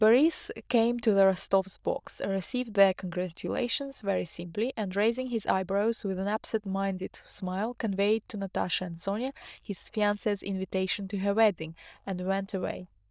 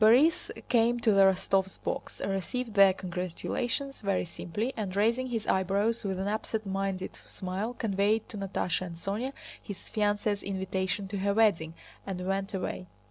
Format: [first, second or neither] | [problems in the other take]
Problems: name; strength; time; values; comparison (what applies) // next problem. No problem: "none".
second | noise reduction (neural diffusion model UNIVERSE++)